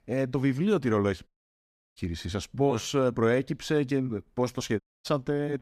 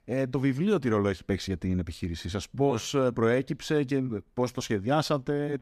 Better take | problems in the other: second | audio cutting out; at 1.5 s for 0.5 s and at 5 s

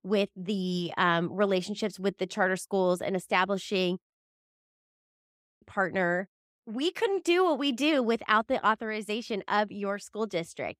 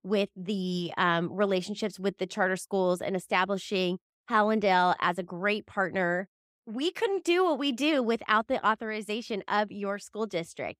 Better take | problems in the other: second | audio freezing; at 4 s for 1.5 s

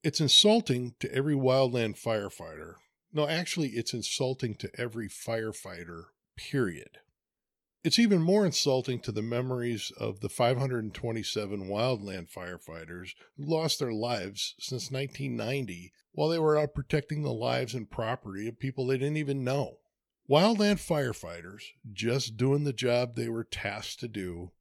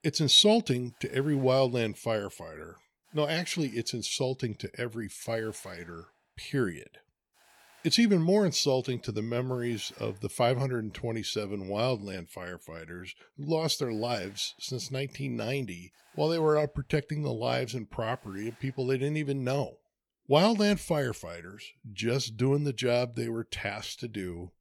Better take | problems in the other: first | hiss; faint; until 10 s and from 14 to 20 s; 30 dB below the speech

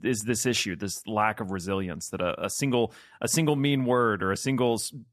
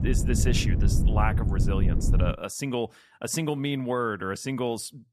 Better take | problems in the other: first | wind noise on the microphone; heavy; until 2.5 s; 7 dB below the speech

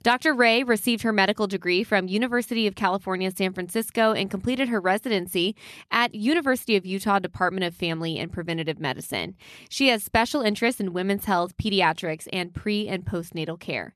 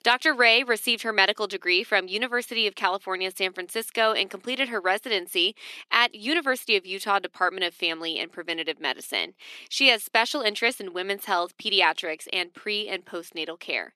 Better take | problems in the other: first | thin; somewhat; fading below 300 Hz

